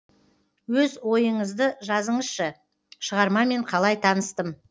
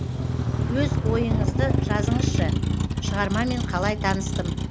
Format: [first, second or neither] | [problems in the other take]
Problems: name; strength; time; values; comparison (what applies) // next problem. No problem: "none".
first | background sound (Motor vehicle (road)); 5 dB above the speech